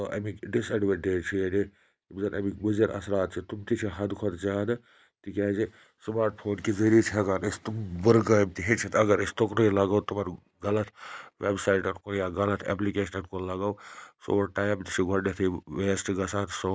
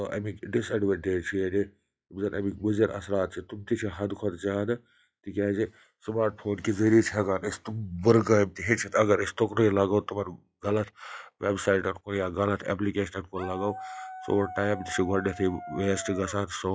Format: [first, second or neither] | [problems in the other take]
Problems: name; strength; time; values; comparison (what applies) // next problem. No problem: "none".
first | noise reduction (classical method log-MMSE)